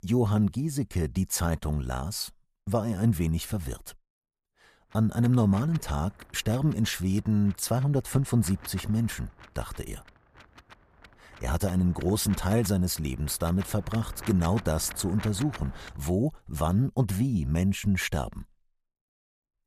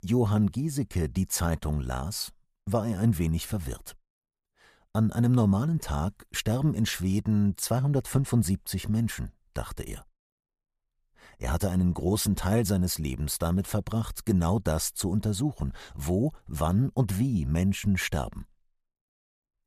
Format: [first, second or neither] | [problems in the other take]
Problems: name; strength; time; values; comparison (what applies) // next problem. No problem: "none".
second | wind noise on the microphone; occasional gusts; from 5 to 16 s; 15 dB below the speech